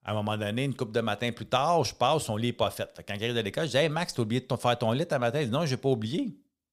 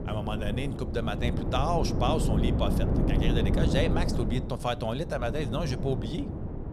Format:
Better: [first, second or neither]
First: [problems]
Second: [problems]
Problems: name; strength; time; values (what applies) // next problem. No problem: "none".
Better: first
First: none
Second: wind noise on the microphone; heavy; 4 dB below the speech